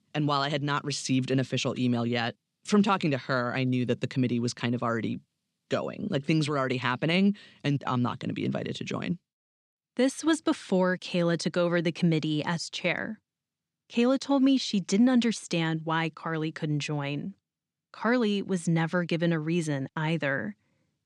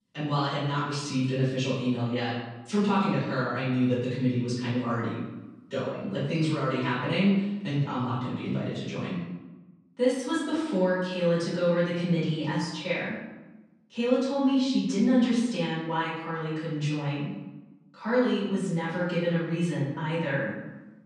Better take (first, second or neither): first